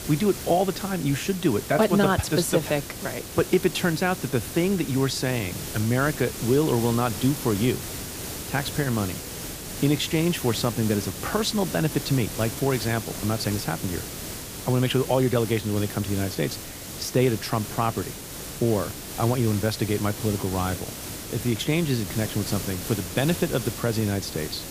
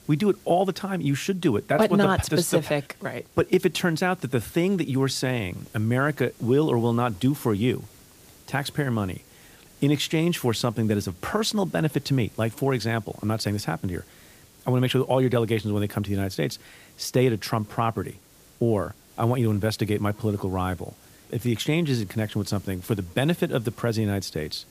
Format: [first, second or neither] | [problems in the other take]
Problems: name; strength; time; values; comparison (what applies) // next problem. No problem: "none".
second | hiss; loud; throughout; 8 dB below the speech; faint in the second